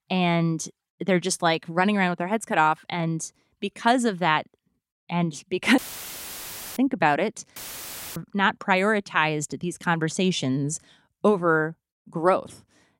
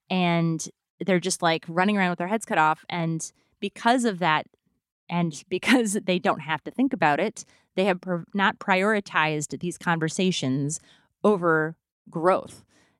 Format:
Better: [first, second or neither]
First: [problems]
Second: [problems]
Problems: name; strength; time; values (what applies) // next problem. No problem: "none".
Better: second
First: audio cutting out; filled with static; at 6 s for 1 s and at 7.5 s for 0.5 s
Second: none